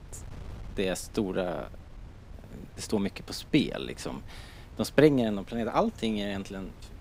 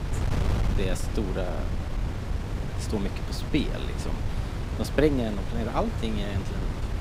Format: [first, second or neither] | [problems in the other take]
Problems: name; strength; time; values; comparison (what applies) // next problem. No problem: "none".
first | wind noise on the microphone; heavy; 6 dB below the speech; occasional gusts in the first